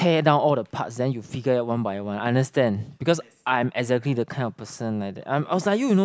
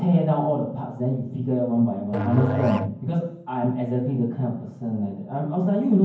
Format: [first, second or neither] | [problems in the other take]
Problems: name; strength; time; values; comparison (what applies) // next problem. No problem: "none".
first | background sound (Musical instrument); 9 dB below the speech // room echo; dies away in 0.9 s